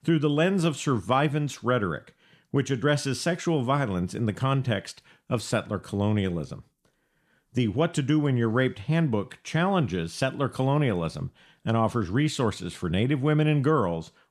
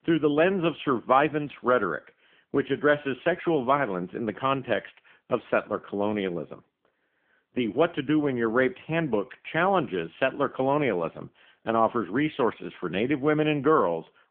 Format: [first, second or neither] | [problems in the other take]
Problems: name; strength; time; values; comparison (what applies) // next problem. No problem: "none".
first | phone-call audio; poor line; nothing above 3.5 kHz